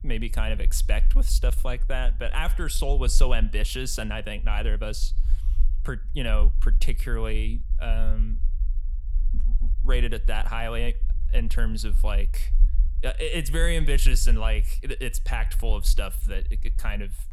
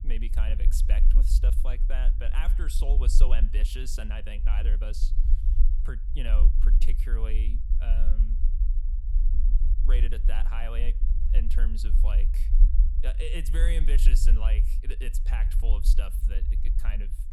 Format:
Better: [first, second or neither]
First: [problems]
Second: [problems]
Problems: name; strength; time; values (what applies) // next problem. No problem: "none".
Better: first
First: low rumble; faint; throughout; 20 dB below the speech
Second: low rumble; loud; throughout; 8 dB below the speech